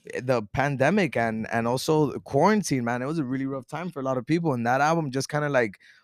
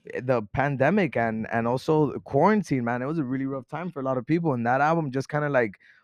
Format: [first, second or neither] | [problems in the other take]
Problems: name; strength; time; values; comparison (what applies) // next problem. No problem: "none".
first | muffled; slightly; fading above 3.5 kHz